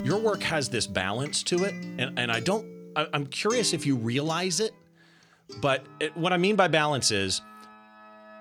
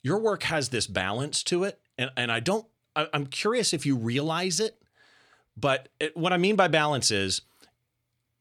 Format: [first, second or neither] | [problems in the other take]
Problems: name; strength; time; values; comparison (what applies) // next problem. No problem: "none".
second | background music; noticeable; throughout; 15 dB below the speech